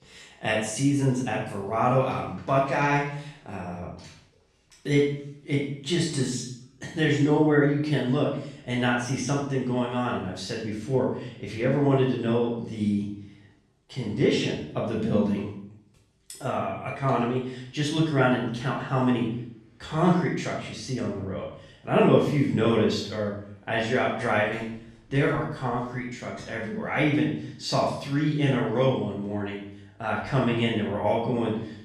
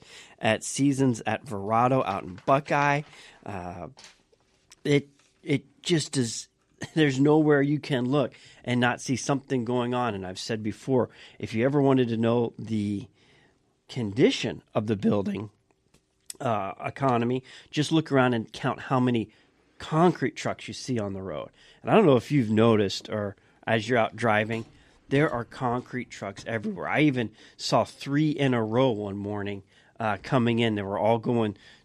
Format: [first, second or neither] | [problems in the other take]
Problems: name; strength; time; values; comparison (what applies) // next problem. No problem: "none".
second | room echo; noticeable; dies away in 0.6 s // off-mic speech; far